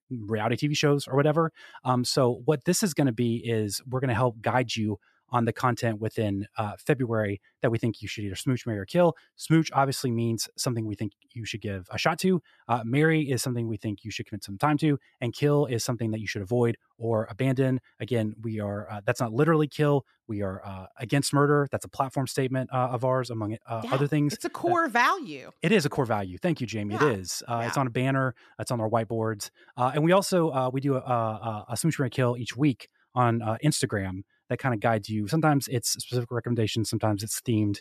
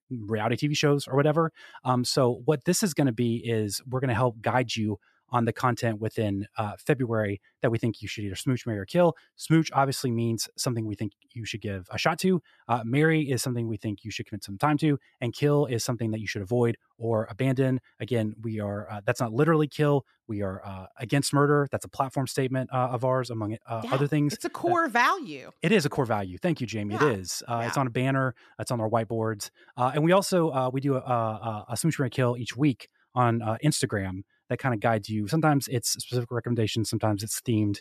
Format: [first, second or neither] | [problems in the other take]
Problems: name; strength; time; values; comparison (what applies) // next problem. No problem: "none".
neither | none